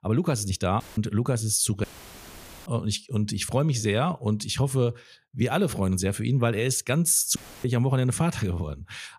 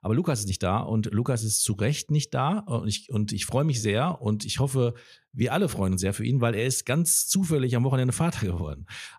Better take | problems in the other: second | audio cutting out; filled with static; at 1 s, at 2 s for 1 s and at 7.5 s

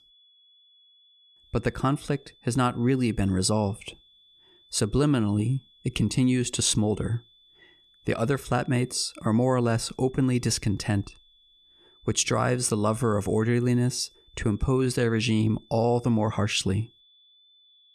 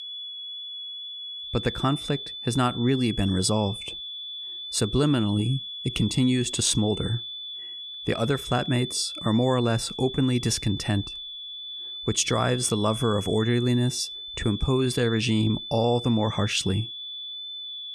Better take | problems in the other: first | high-pitched whine; loud; throughout; 3.5 kHz, 9 dB below the speech; faint in the first

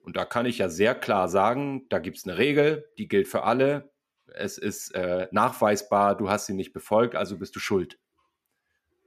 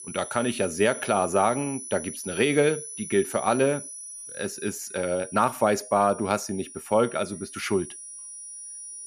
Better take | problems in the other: first | high-pitched whine; noticeable; throughout; 10 kHz, 10 dB below the speech

